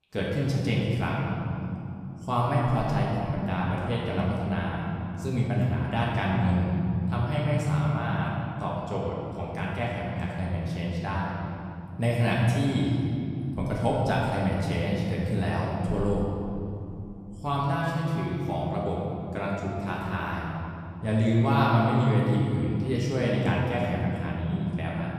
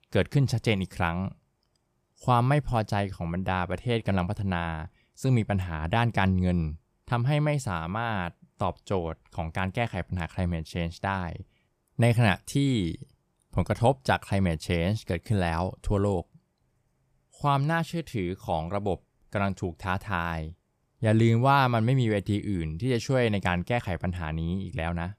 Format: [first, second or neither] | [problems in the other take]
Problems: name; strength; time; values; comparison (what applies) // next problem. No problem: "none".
second | room echo; strong; dies away in 3 s // off-mic speech; far